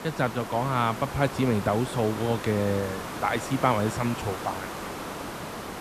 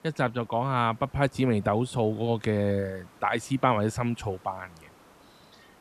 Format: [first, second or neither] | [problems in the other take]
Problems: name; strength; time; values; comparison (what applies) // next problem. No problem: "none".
second | hiss; loud; throughout; 8 dB below the speech; faint in the second